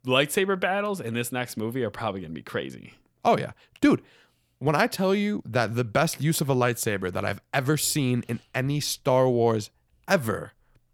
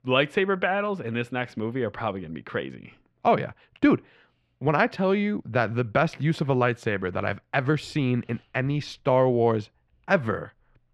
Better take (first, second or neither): first